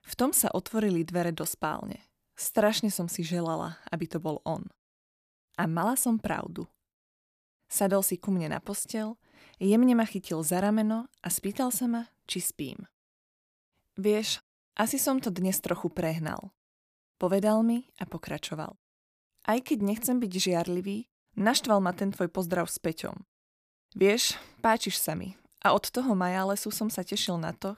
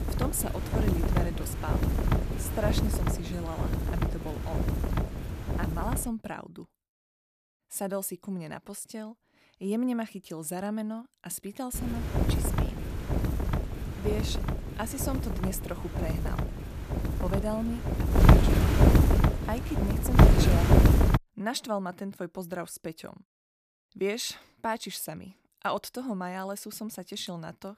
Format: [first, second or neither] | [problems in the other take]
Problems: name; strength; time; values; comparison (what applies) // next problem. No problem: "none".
first | wind noise on the microphone; heavy; until 6 s and from 12 to 21 s; 3 dB above the speech